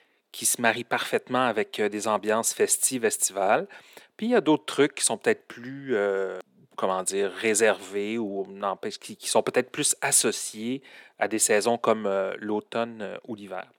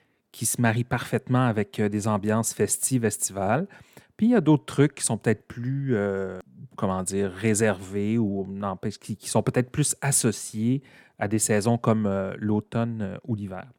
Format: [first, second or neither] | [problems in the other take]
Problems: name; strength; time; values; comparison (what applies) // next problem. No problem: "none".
second | thin; somewhat; fading below 450 Hz